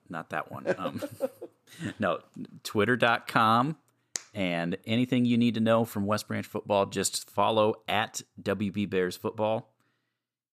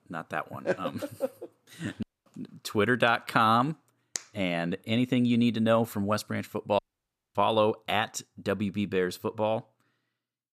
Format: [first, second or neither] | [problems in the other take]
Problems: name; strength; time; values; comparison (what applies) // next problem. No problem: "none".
first | audio cutting out; at 2 s and at 7 s for 0.5 s